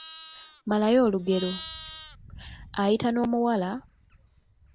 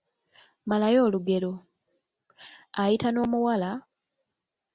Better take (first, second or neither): second